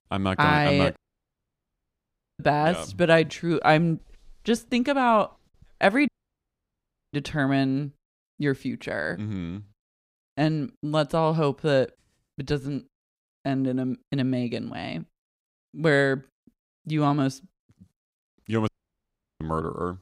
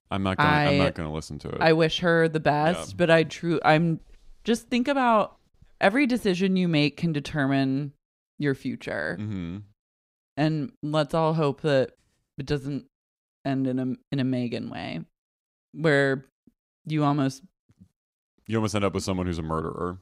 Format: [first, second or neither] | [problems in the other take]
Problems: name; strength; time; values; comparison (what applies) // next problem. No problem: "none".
second | audio cutting out; at 1 s for 1.5 s, at 6 s for 1 s and at 19 s for 0.5 s